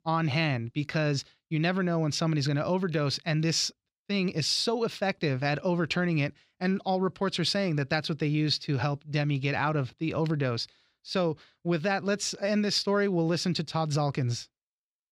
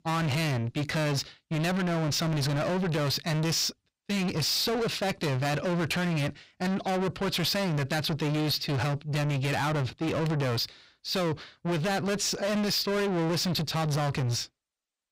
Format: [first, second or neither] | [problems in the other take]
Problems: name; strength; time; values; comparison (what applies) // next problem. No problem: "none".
first | distortion; heavy; 7 dB below the speech